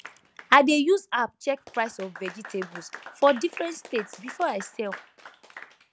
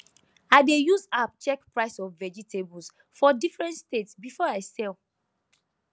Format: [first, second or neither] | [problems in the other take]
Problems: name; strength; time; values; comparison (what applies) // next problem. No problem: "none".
second | background sound (Applause / Clapping); 17 dB below the speech